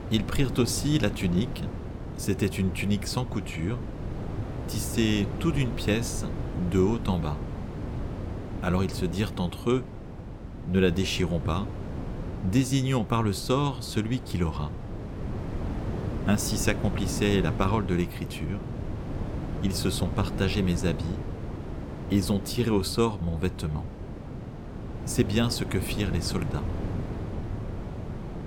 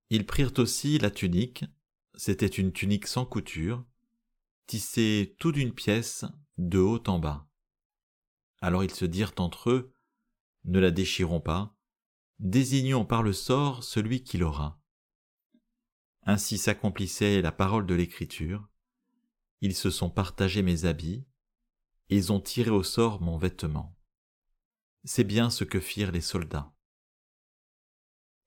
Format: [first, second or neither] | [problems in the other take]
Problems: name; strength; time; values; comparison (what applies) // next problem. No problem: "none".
second | wind noise on the microphone; occasional gusts; 10 dB below the speech